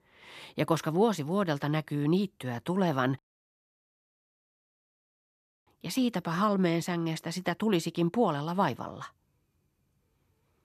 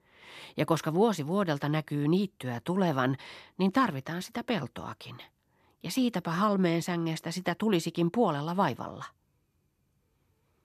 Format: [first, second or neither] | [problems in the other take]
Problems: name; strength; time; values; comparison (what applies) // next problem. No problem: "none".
second | audio cutting out; at 3 s for 2.5 s